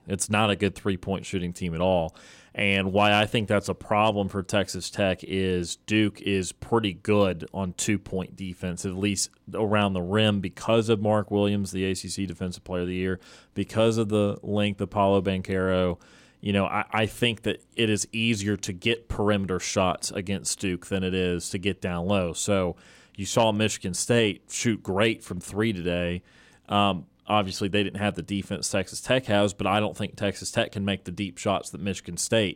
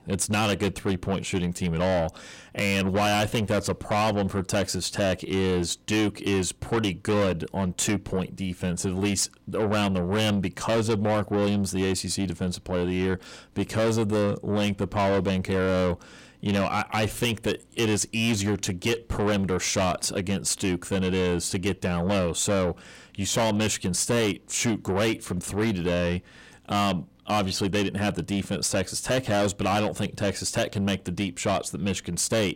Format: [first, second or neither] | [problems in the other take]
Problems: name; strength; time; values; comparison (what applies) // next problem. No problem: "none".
first | distortion; heavy; 7 dB below the speech